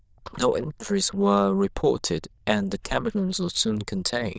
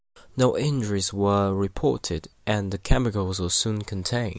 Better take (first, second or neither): second